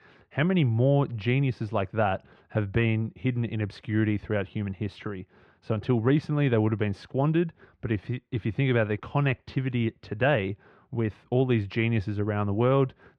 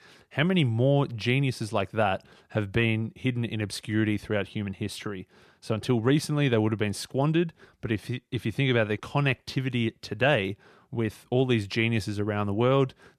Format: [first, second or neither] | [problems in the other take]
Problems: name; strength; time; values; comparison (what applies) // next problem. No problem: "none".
second | muffled; slightly; fading above 2.5 kHz